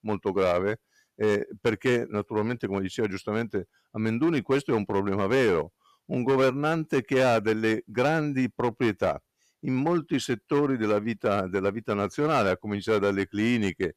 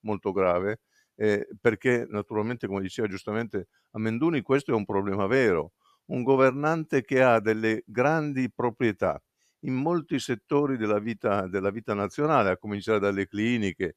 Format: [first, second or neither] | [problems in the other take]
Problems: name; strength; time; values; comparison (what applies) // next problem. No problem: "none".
second | distortion; slight; 6% of the sound clipped